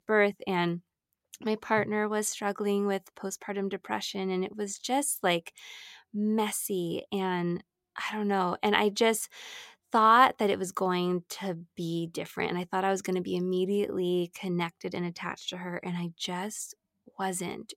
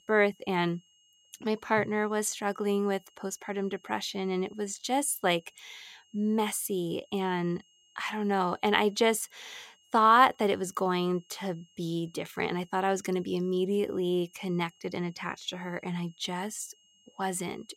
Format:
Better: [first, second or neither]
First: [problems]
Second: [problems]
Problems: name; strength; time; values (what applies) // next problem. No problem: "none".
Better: first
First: none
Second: high-pitched whine; faint; throughout; 3 kHz, 30 dB below the speech